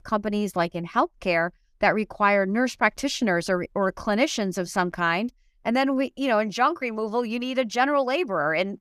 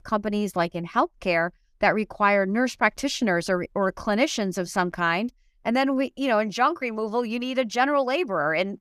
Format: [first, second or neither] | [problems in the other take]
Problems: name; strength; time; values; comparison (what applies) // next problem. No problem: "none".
neither | none